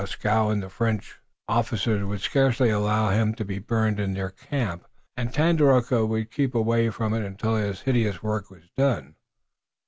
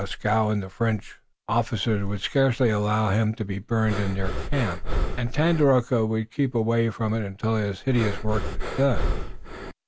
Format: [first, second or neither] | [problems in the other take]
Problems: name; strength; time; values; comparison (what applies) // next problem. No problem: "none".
first | background sound (Breathing); 1 dB below the speech